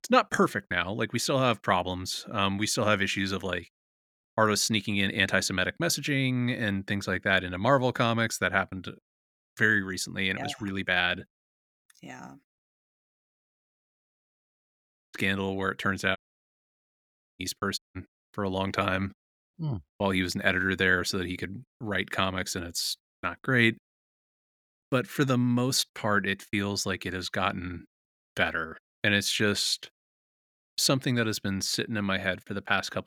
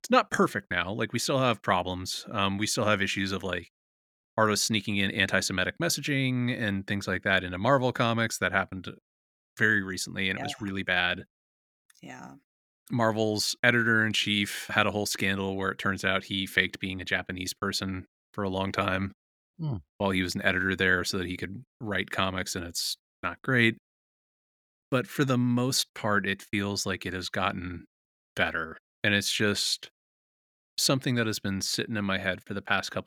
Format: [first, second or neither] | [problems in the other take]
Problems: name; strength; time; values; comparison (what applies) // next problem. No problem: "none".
second | audio cutting out; at 13 s for 2.5 s, at 16 s for 1 s and at 18 s